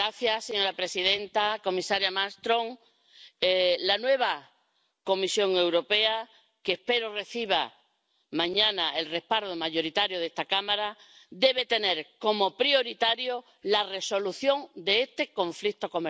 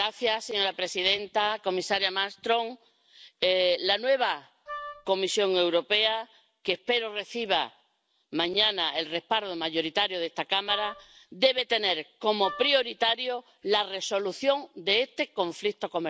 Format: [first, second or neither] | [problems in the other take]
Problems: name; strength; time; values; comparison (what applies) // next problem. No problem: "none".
first | background sound (Wind instrument, woodwind instrument); 12 dB below the speech